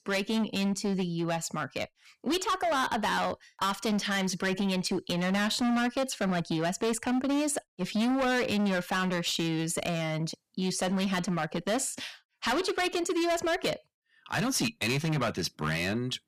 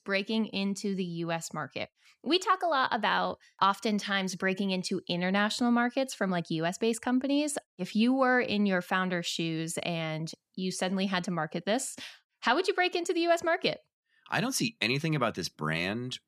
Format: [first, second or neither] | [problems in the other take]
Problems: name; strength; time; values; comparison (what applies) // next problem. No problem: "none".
second | distortion; heavy; 19% of the sound clipped